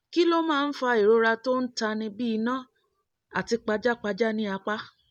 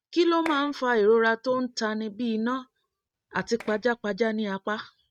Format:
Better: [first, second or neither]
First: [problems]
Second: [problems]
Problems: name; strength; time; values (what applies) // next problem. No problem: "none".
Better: first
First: none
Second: noise reduction (neural mask model RNNoise)